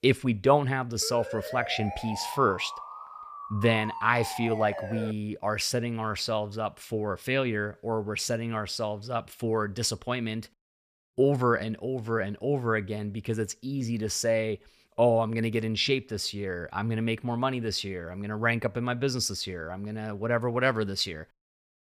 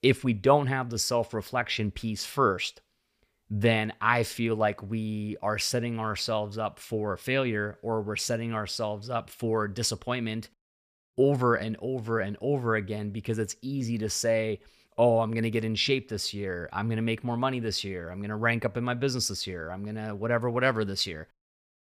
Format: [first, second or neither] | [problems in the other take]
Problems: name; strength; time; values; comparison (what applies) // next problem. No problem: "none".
second | siren; noticeable; from 1 to 5 s; peak 7 dB below the speech